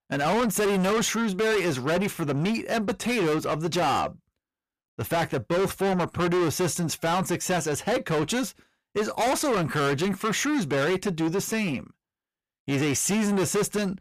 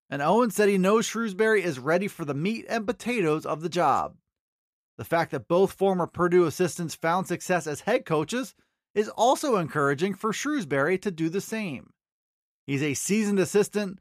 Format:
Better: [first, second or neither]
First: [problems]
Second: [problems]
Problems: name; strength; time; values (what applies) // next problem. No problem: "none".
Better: second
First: distortion; heavy; 6 dB below the speech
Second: none